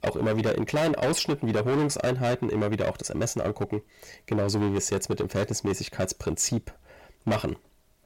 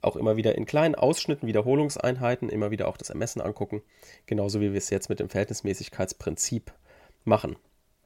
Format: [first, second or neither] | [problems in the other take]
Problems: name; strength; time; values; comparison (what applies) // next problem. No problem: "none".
second | distortion; heavy; 15% of the sound clipped